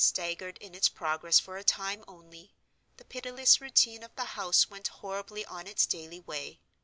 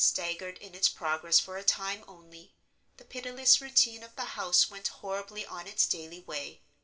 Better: first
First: none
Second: room echo; dies away in 0.3 s

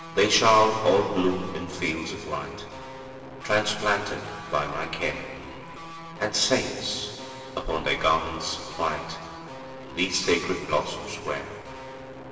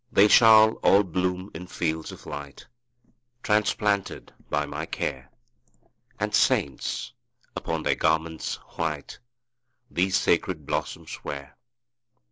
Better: second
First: background sound (Guitar); 13 dB below the speech // room echo; dies away in 2.6 s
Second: none

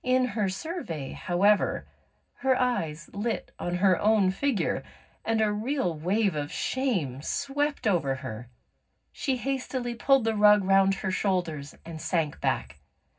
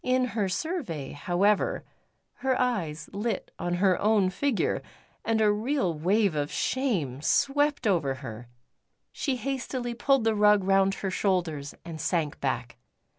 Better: second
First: room echo; dies away in 0.4 s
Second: none

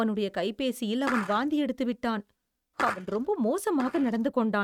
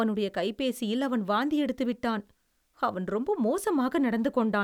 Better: second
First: noise reduction (neural mask model RNNoise)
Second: none

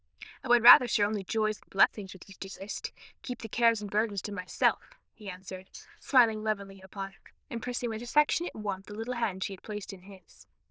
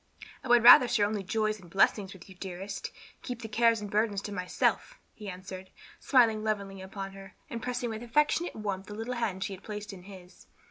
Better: second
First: noise reduction (neural diffusion model UNIVERSE++)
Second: none

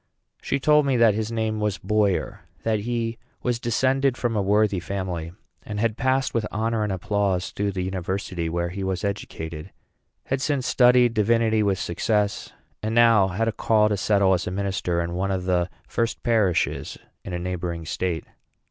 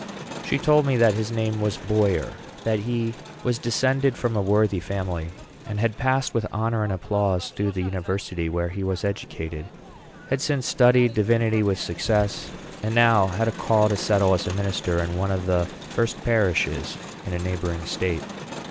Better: first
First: none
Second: background sound (Crowd); 15 dB below the speech

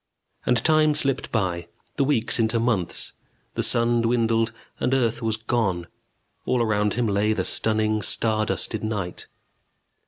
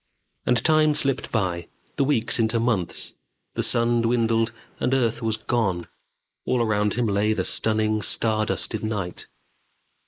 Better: first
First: none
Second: noise reduction (neural mask model Resemble Enhance denoiser)

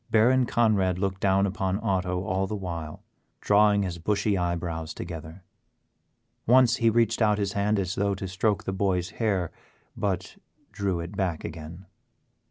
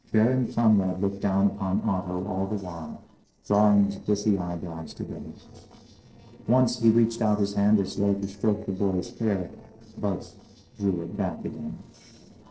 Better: first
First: none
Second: noise reduction (neural separator model SepFormer DNS4)

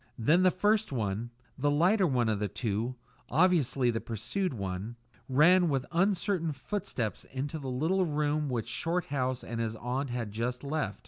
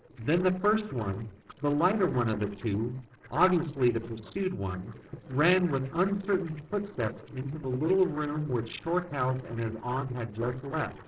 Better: first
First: none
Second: noise reduction (neural separator model SepFormer DNS4)

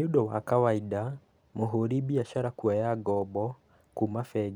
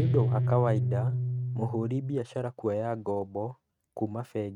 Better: first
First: none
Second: noise reduction (neural mask model RNNoise)

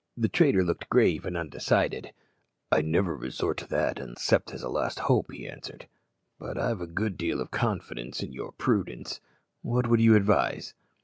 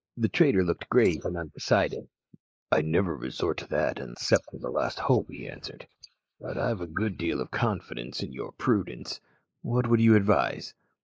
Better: first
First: none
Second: noise reduction (neural mask model Resemble Enhance denoiser)

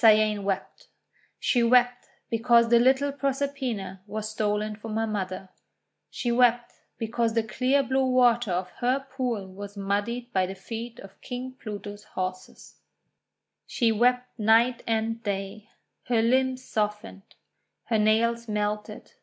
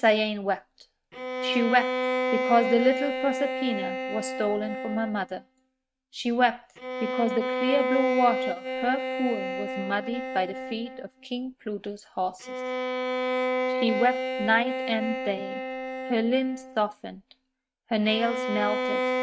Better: first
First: none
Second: noise reduction (neural mask model RNNoise)

